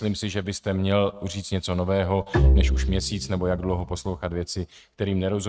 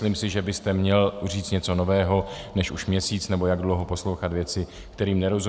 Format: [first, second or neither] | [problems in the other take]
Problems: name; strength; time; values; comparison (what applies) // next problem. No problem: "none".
second | noise reduction (neural mask model RNNoise)